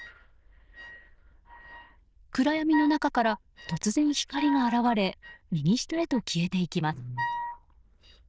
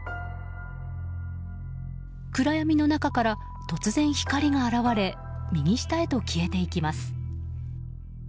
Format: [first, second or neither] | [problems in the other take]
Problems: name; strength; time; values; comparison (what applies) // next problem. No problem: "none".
second | noise reduction (neural diffusion model UNIVERSE++)